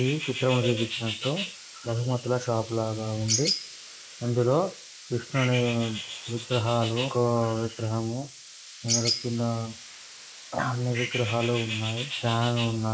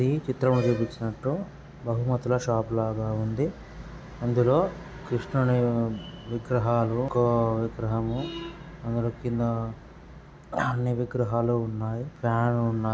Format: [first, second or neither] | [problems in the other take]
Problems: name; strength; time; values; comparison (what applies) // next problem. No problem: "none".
second | noise reduction (neural mask model Resemble Enhance denoiser)